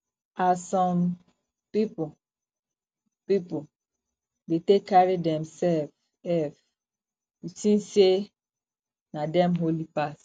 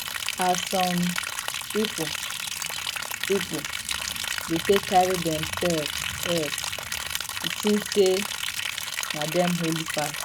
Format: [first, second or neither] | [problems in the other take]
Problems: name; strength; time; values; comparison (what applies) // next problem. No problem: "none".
first | background sound (Liquid); 3 dB below the speech